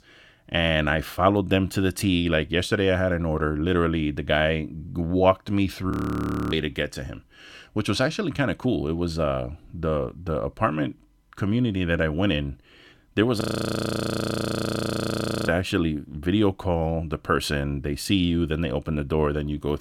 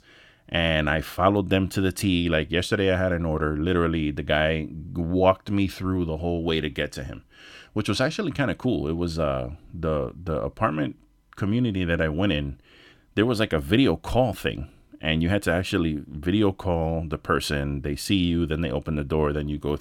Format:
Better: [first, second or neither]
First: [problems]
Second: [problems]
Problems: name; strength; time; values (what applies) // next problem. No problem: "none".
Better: second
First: audio freezing; at 6 s for 0.5 s and at 13 s for 2 s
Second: none